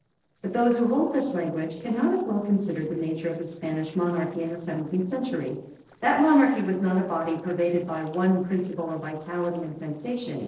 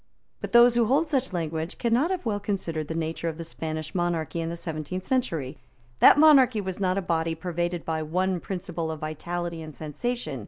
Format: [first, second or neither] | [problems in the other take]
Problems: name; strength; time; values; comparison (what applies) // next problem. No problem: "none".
second | noise reduction (neural separator model SepFormer DNS4)